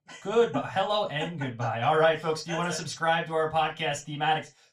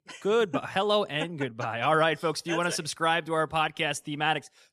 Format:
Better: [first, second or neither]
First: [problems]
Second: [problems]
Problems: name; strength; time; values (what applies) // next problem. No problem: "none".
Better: second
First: room echo; slight; dies away in 0.2 s // off-mic speech; far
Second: none